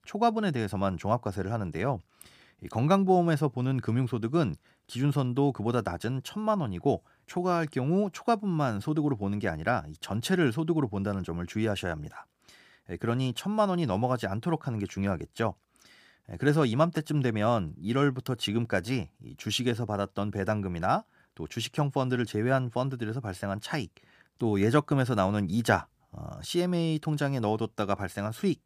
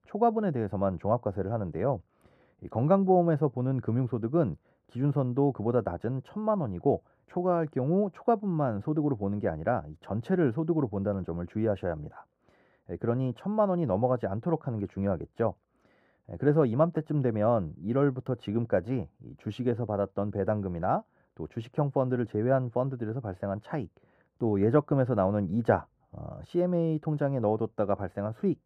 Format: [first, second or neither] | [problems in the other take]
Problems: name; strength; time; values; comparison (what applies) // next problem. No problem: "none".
first | muffled; very; fading above 2 kHz